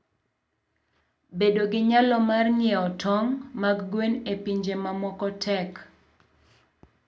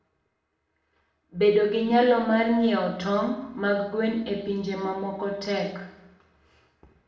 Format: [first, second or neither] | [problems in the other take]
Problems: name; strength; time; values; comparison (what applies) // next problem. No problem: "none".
first | room echo; dies away in 0.8 s